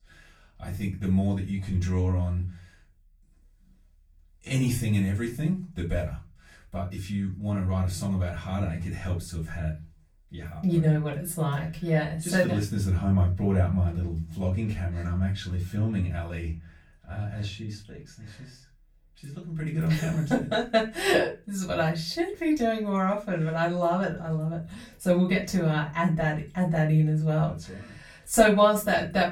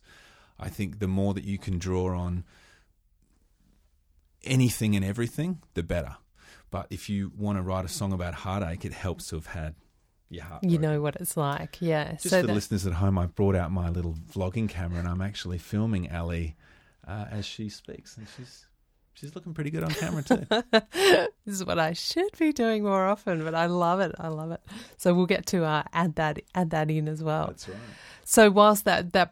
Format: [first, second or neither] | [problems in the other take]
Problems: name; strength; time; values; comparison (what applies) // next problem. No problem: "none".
second | room echo; slight; dies away in 0.3 s // off-mic speech; far